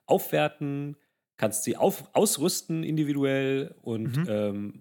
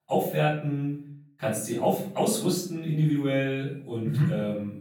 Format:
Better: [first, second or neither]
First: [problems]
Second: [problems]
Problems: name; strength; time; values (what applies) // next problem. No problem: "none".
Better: first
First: none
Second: off-mic speech; far // room echo; noticeable; dies away in 0.5 s